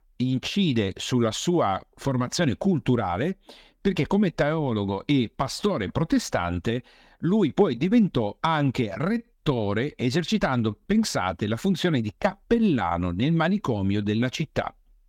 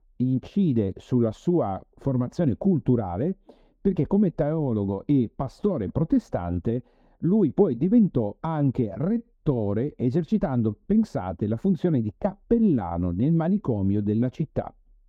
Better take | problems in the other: first | muffled; very; fading above 1 kHz

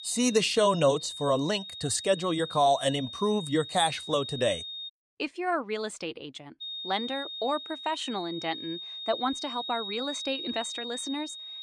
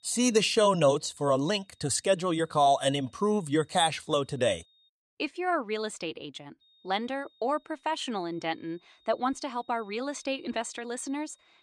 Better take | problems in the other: second | high-pitched whine; loud; until 5 s and from 6.5 s on; 3.5 kHz, 8 dB below the speech; faint in the second

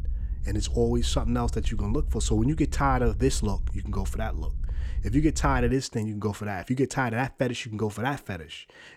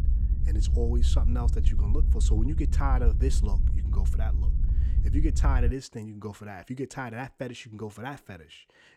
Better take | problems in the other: first | low rumble; loud; until 5.5 s; 8 dB below the speech; faint in the first

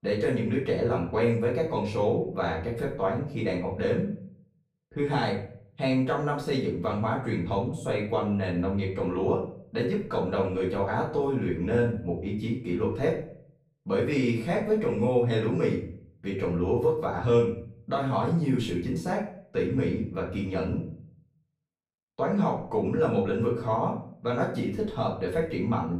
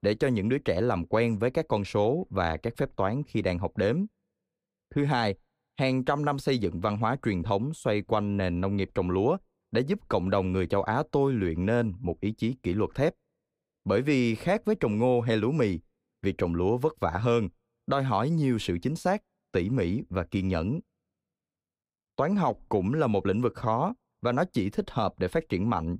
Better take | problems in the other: second | off-mic speech; far // room echo; slight; dies away in 0.4 s

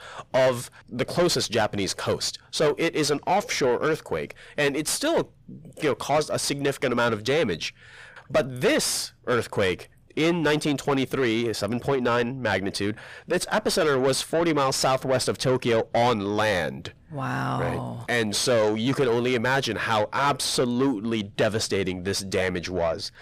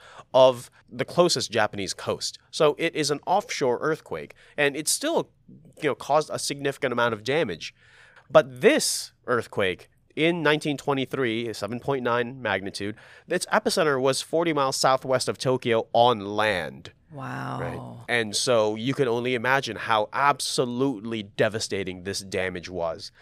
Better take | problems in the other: second | distortion; heavy; 6 dB below the speech

